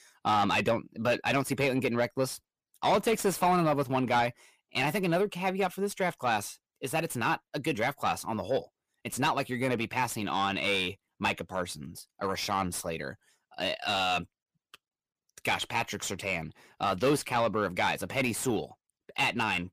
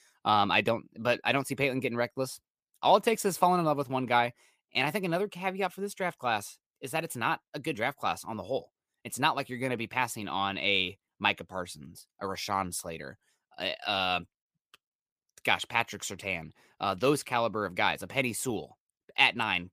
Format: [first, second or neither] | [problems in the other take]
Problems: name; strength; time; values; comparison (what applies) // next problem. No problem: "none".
second | distortion; heavy; 7 dB below the speech